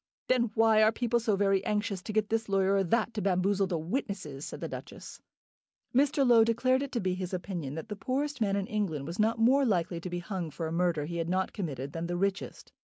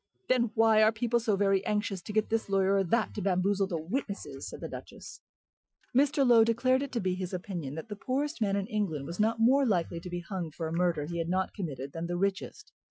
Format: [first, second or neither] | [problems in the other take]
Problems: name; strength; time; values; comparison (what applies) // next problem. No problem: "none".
first | noise reduction (classical method Wiener filter)